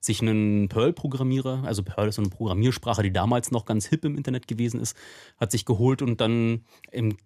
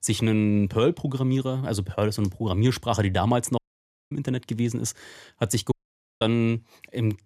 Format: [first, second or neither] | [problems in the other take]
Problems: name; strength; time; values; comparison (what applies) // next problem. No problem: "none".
first | audio cutting out; at 3.5 s for 0.5 s and at 5.5 s